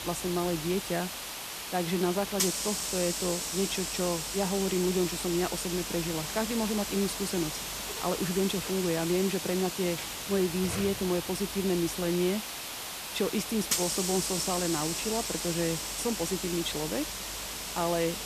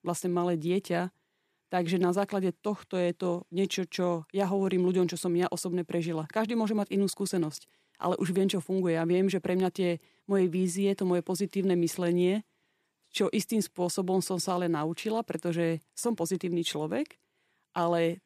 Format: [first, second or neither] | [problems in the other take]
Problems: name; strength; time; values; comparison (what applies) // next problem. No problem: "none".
second | hiss; loud; throughout; 2 dB below the speech